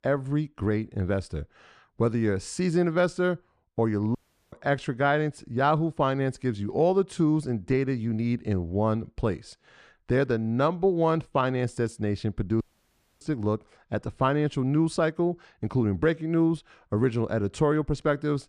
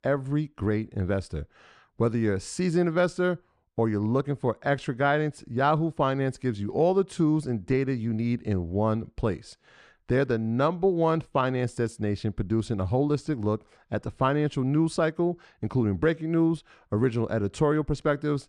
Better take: second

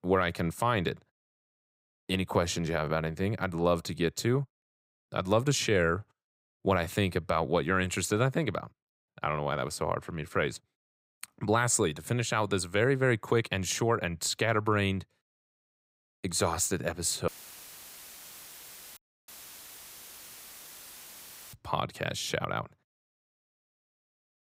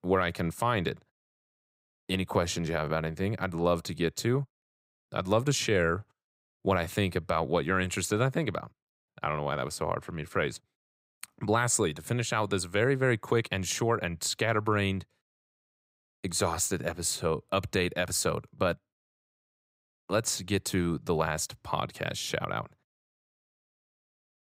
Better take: second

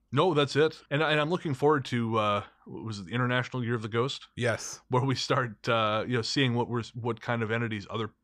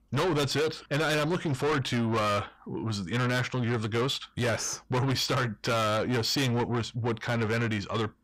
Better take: first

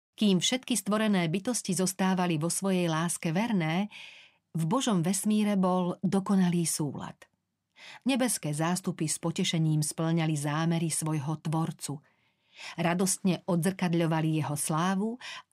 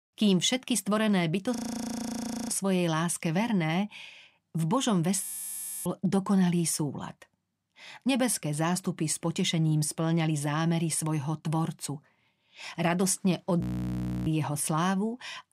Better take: first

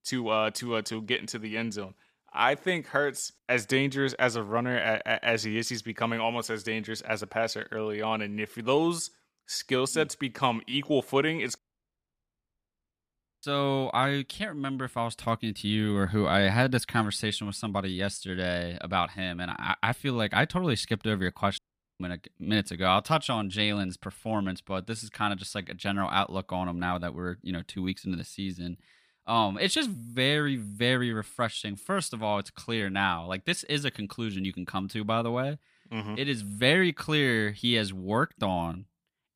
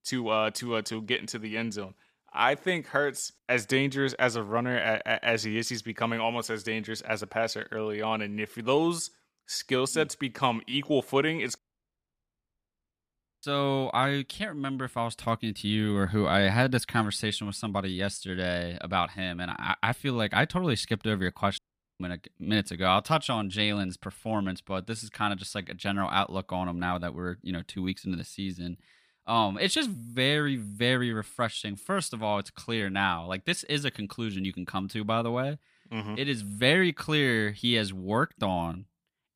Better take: neither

